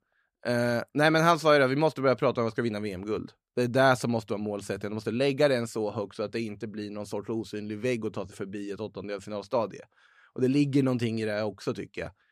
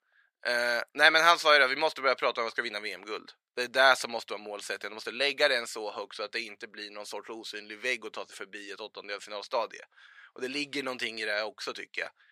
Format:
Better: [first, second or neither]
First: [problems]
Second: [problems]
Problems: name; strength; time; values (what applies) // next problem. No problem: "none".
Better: first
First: none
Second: thin; very; fading below 700 Hz